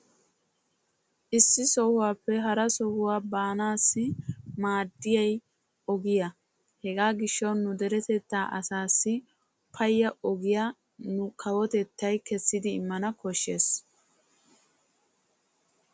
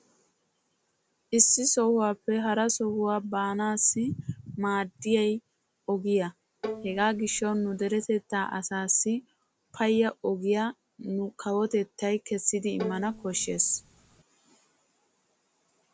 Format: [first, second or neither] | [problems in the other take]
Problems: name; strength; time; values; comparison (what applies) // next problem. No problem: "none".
first | background sound (Bowed string instrument); 12 dB below the speech